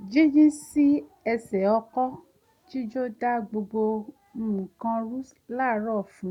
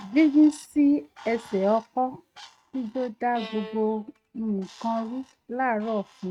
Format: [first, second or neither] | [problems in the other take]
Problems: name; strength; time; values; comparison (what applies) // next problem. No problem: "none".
first | noise reduction (neural mask model RNNoise)